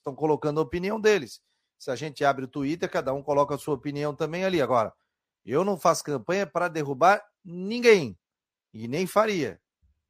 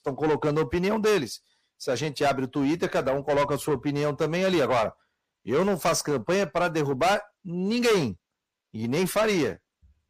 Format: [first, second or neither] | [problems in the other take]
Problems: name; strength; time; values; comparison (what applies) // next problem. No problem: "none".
first | distortion; heavy; 6 dB below the speech